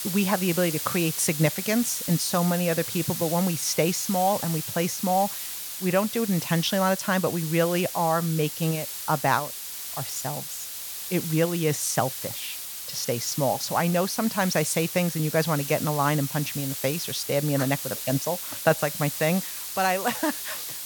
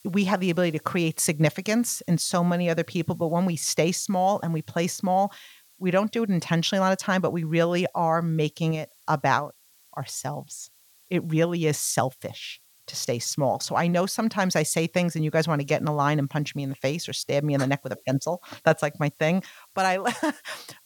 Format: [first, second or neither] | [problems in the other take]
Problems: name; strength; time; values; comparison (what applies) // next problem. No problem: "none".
second | hiss; loud; throughout; 5 dB below the speech; faint in the second